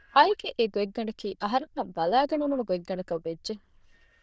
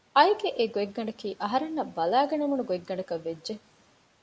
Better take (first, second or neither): second